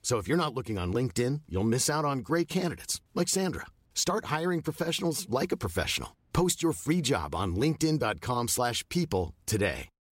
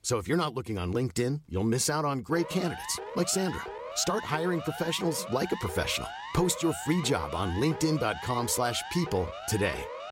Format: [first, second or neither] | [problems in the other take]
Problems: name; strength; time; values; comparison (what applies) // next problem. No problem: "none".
first | siren; noticeable; from 2.5 s on; peak 9 dB below the speech